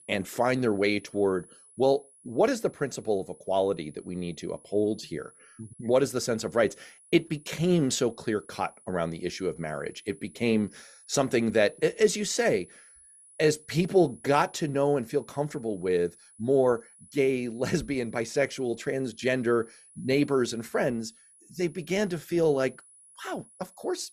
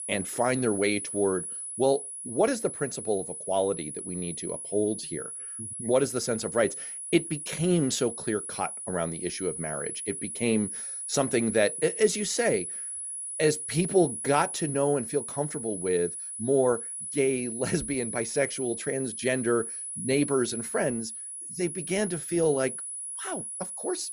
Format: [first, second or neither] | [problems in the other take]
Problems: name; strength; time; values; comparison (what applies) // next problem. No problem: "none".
first | high-pitched whine; loud; throughout; 10.5 kHz, 6 dB below the speech; faint in the first